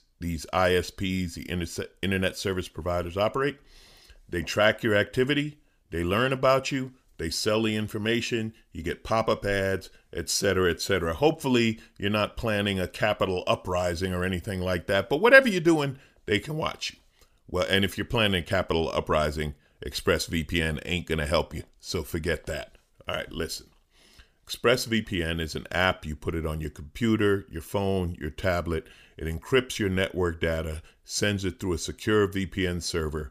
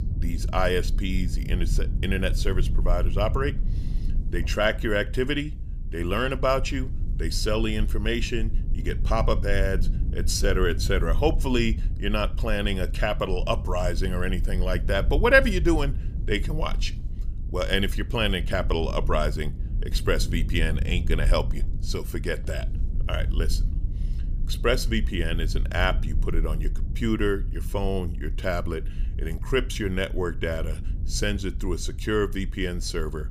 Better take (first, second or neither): first